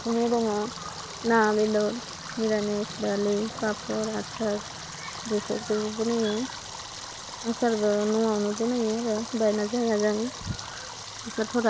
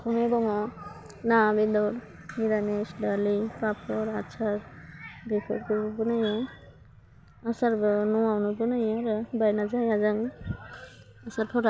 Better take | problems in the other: second | background sound (Stream); 12 dB below the speech

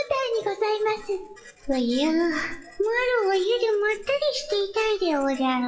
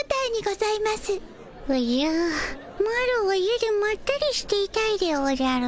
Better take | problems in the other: second | noise reduction (classical method WPE with log-MMSE)

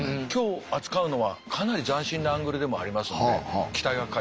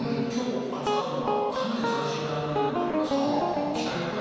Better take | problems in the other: first | background sound (Guitar); as loud as the speech // room echo; dies away in 2.1 s

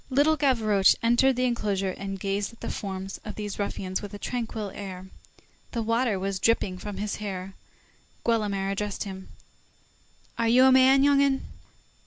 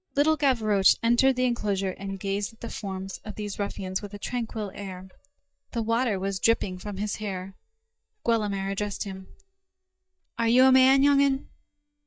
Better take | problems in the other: first | noise reduction (neural mask model DeepFilterNet 3)

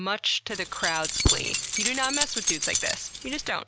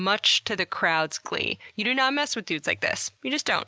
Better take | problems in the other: second | background sound (Keys jangling); 2 dB above the speech

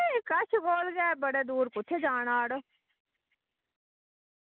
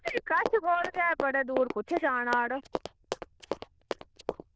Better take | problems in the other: first | noise reduction (neural diffusion model UNIVERSE++)

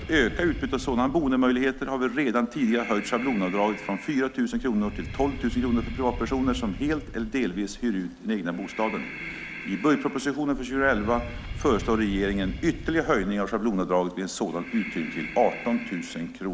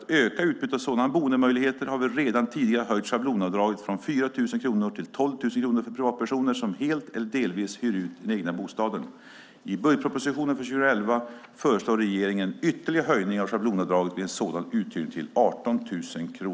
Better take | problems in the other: second | background sound (Breathing); 11 dB below the speech

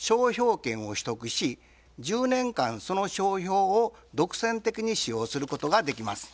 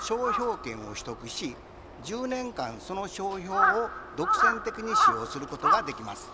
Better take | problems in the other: first | background sound (Crow); 4 dB above the speech

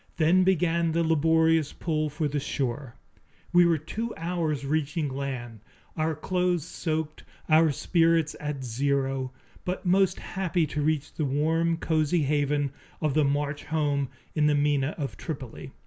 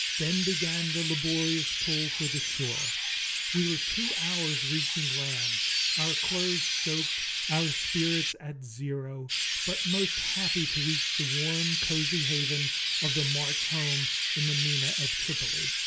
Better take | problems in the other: first | background sound (Chirp, tweet); 4 dB above the speech

